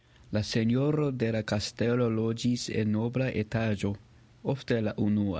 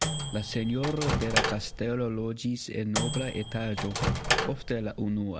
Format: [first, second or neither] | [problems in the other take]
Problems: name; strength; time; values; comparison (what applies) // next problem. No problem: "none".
first | background sound (Microwave oven); as loud as the speech